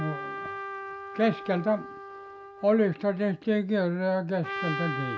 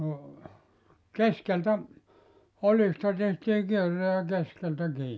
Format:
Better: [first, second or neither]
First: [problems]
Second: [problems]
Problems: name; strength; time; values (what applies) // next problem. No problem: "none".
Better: second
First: background sound (Trumpet); 10 dB below the speech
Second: none